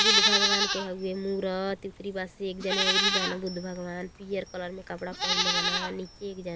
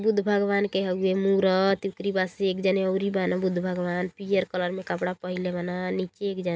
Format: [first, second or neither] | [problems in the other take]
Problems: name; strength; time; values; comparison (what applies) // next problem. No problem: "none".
second | background sound (Livestock, farm animals, working animals); 4 dB above the speech